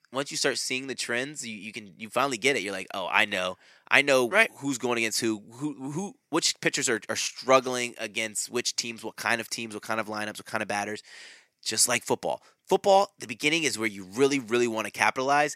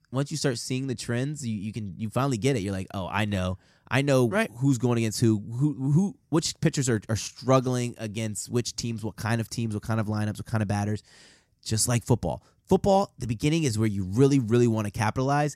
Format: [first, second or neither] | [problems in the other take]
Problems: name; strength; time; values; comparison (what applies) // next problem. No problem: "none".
second | thin; somewhat; fading below 450 Hz